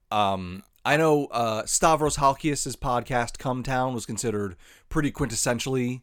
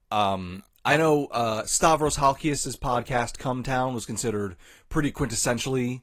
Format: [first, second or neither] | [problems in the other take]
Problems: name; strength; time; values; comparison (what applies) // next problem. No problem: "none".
first | garbled, watery; slightly